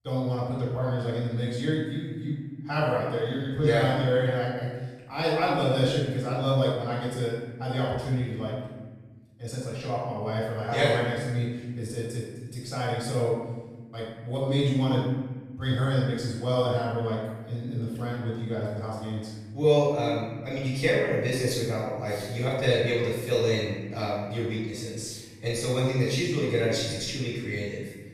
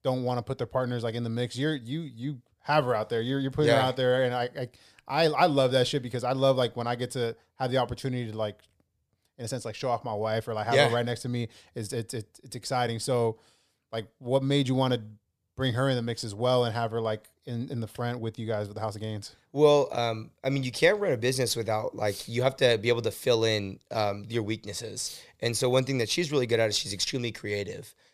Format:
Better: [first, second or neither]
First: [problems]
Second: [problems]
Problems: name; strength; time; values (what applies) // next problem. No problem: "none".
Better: second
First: off-mic speech; far // room echo; strong; dies away in 1.4 s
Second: none